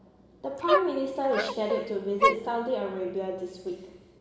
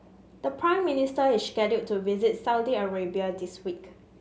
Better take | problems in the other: second | background sound (Dog); 1 dB below the speech // room echo; dies away in 1.1 s

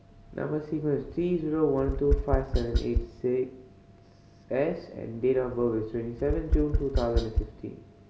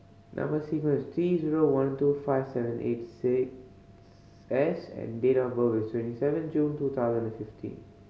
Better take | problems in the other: second | background sound (Tap); 2 dB below the speech

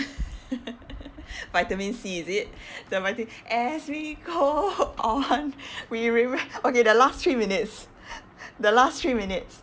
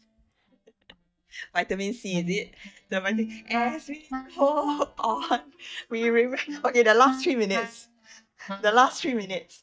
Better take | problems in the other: first | noise reduction (neural mask model DeepFilterNet 3)

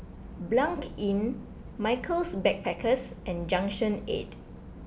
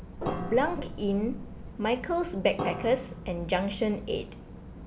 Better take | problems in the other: first | background sound (Piano + Gong); 10 dB below the speech

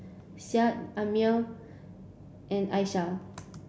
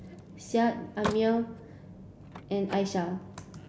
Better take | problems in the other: first | background sound (Slam); 12 dB below the speech

